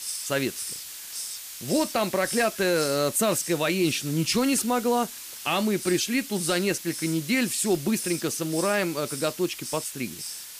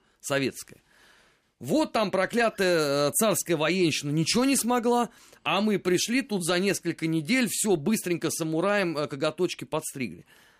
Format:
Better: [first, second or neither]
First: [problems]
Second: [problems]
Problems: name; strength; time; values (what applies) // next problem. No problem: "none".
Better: second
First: hiss; loud; throughout; 8 dB below the speech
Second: none